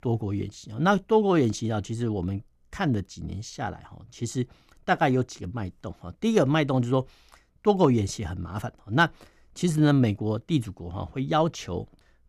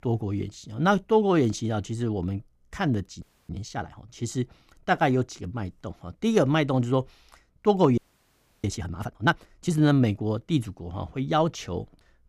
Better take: first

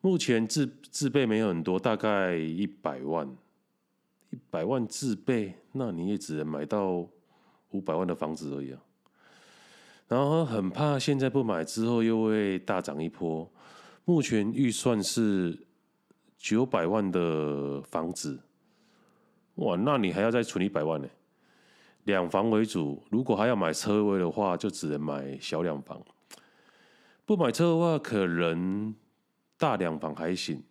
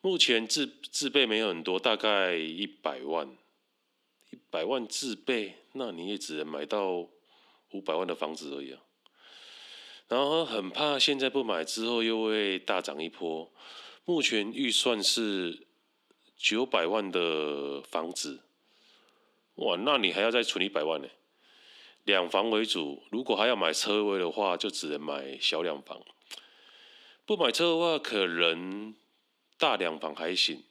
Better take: first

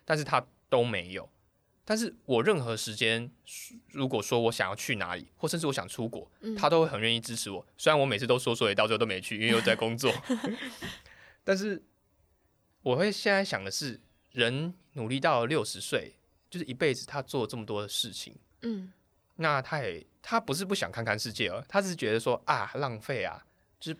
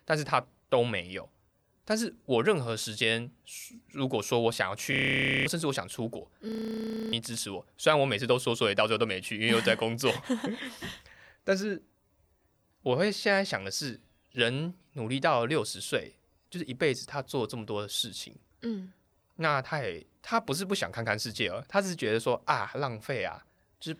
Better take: first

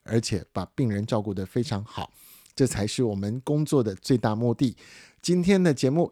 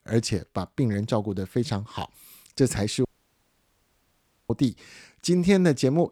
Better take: first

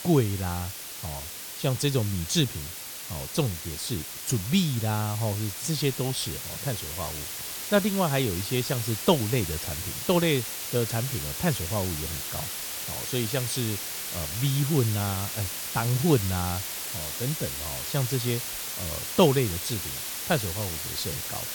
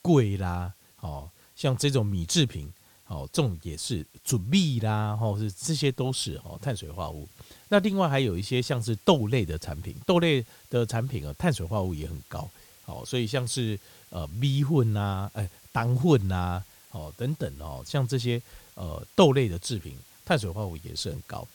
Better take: second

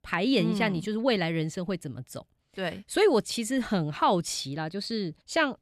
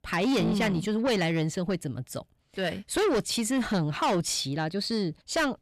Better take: first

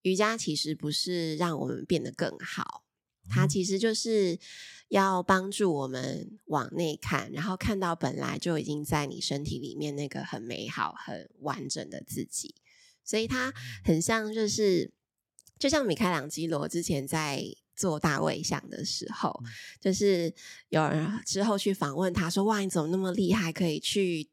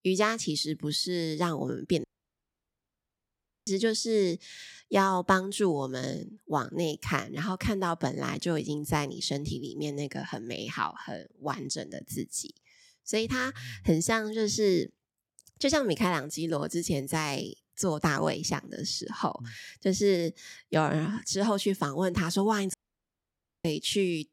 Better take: first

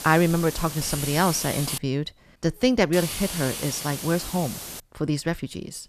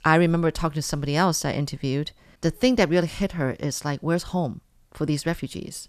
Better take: second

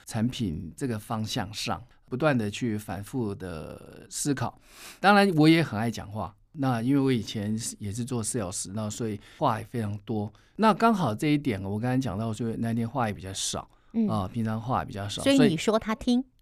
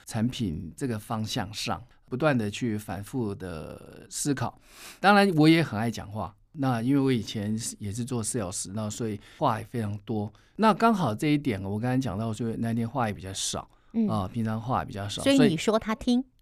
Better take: neither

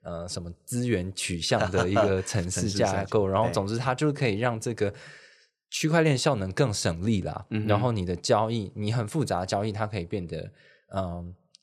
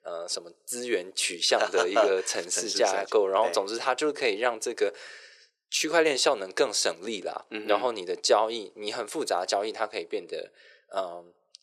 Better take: first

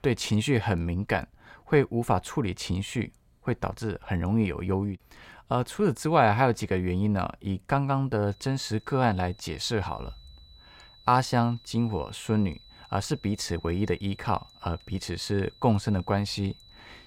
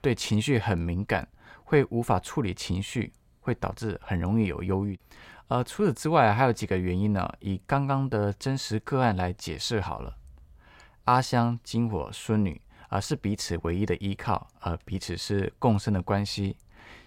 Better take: second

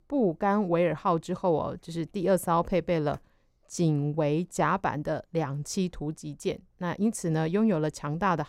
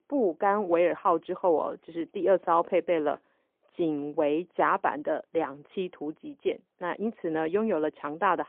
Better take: first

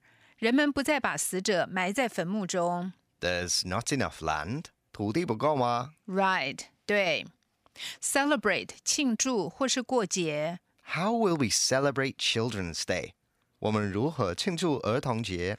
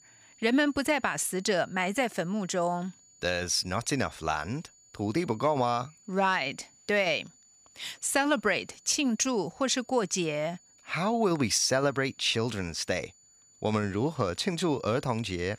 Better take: first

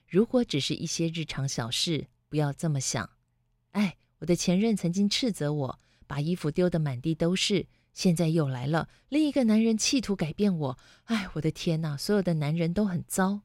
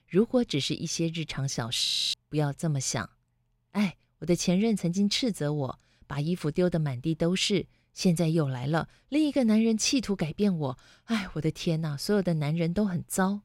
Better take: first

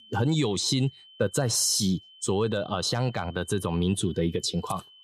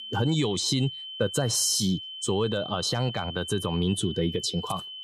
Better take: first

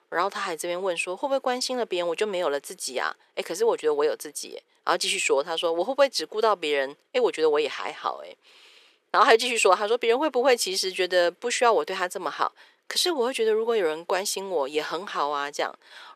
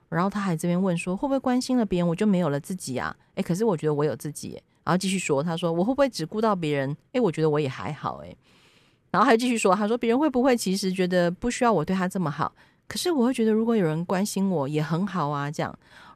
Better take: second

